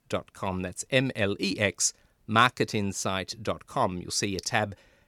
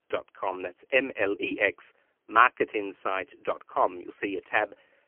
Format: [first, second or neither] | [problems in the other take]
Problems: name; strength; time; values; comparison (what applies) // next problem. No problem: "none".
first | phone-call audio; poor line; nothing above 3 kHz